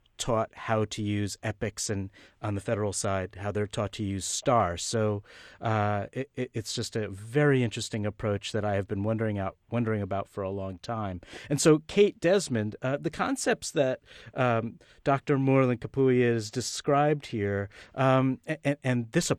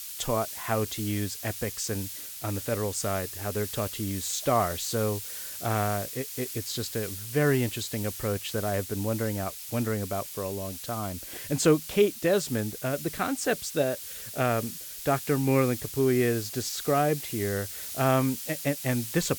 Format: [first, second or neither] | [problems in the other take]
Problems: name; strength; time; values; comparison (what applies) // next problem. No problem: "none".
first | hiss; loud; throughout; 7 dB below the speech